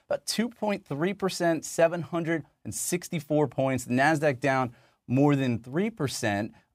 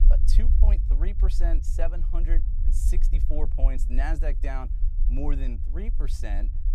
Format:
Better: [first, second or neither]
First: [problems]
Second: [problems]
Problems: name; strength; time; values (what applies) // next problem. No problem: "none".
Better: first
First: none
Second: low rumble; loud; throughout; 10 dB below the speech